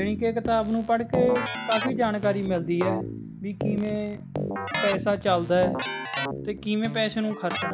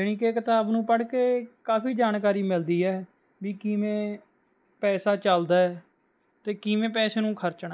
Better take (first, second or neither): second